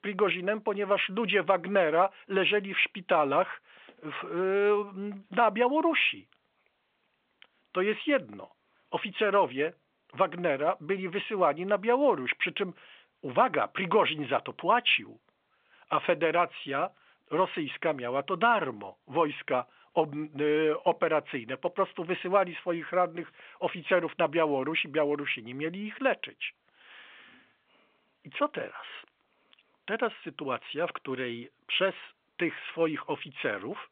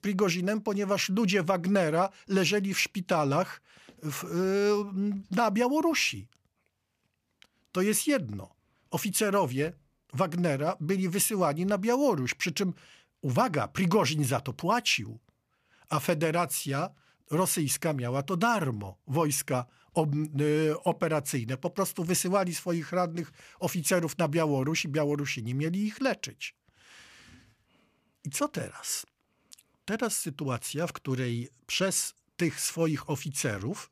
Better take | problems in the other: second | phone-call audio; nothing above 3 kHz

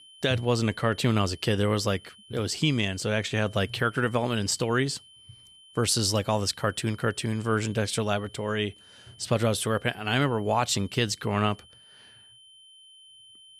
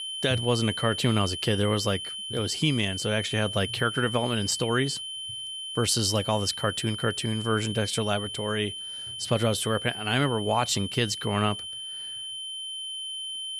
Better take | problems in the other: first | high-pitched whine; loud; throughout; 3 kHz, 6 dB below the speech; faint in the first

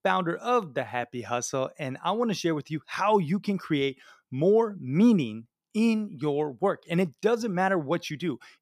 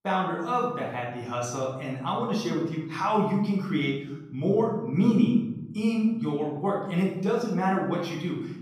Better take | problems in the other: first | off-mic speech; far // room echo; noticeable; dies away in 0.9 s

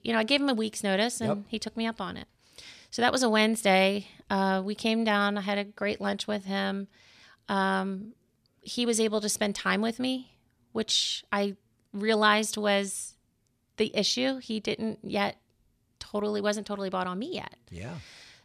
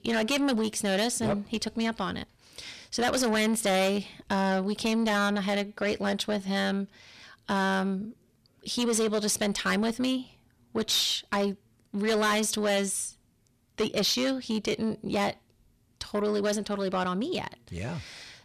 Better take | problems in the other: first | distortion; heavy; 7 dB below the speech

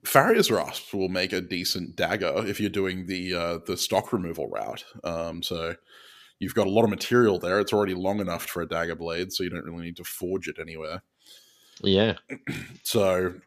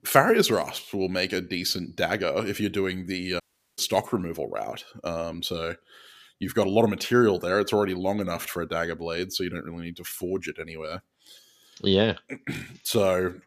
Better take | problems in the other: first | audio cutting out; at 3.5 s

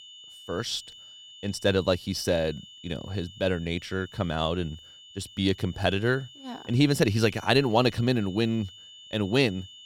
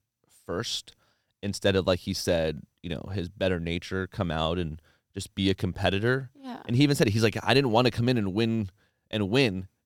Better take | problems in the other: second | high-pitched whine; noticeable; throughout; 3 kHz, 20 dB below the speech

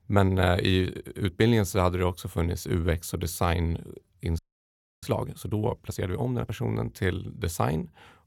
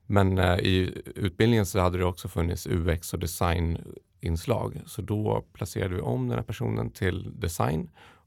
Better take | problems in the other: second | audio freezing; at 4.5 s for 0.5 s

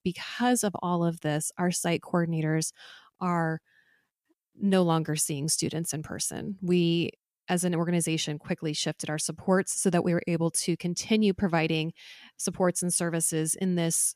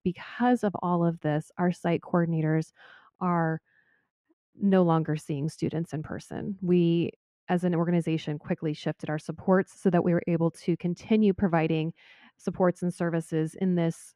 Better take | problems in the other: first | muffled; very; fading above 3.5 kHz

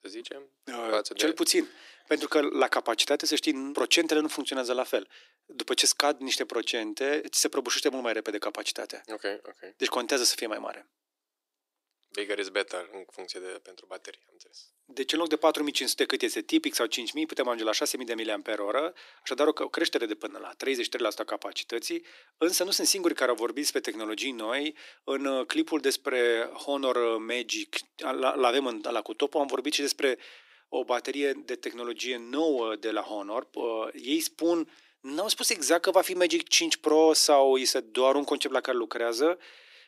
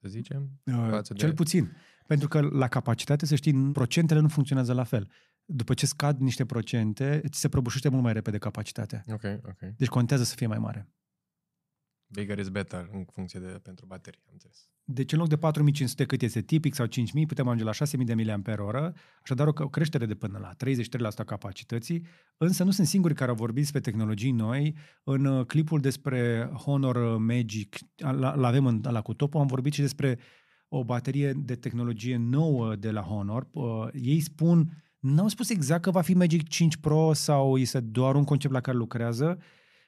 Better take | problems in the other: second | thin; very; fading below 300 Hz

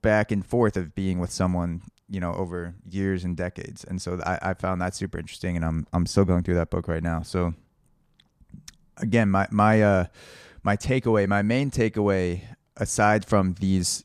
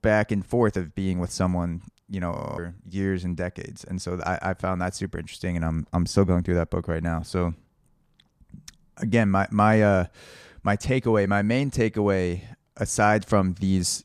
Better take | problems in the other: first | audio freezing; at 2.5 s

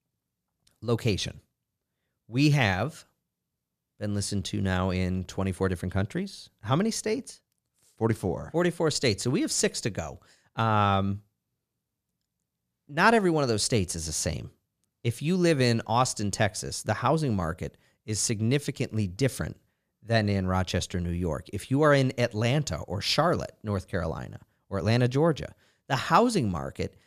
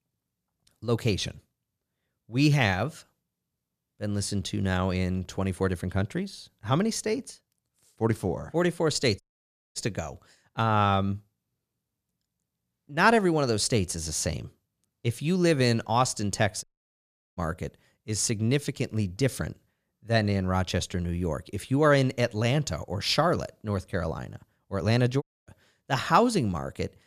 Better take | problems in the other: first | audio cutting out; at 9 s for 0.5 s, at 17 s for 0.5 s and at 25 s

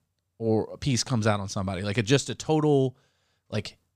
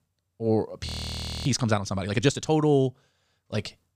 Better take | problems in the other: first | audio freezing; at 1 s for 0.5 s

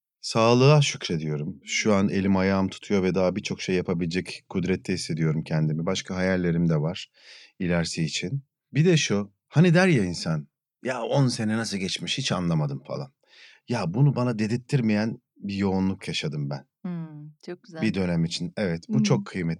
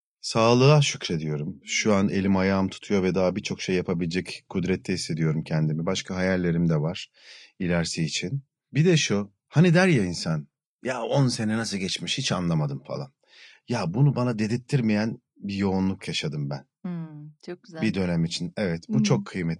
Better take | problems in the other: first | garbled, watery; slightly

